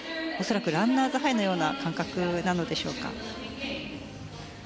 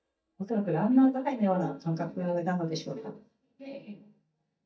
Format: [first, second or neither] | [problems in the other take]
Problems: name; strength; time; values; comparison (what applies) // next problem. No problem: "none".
first | noise reduction (neural mask model DeepFilterNet 3)